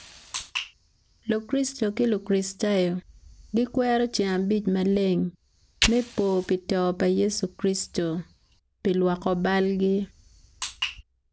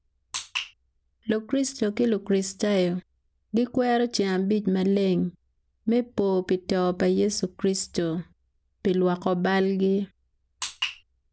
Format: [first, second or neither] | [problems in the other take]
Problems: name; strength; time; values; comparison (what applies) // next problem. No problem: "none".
second | background sound (Fire); 14 dB below the speech